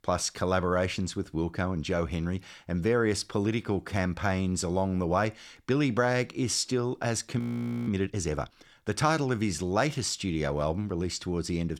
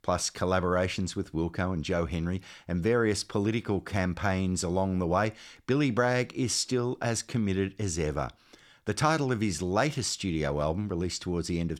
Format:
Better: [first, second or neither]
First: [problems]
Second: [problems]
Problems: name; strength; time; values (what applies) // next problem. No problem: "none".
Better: second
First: audio freezing; at 7.5 s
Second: none